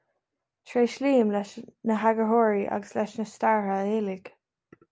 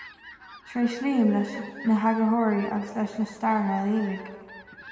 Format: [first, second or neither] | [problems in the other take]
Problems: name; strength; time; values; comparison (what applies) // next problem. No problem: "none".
first | background sound (Fowl); 19 dB below the speech // room echo; dies away in 1.9 s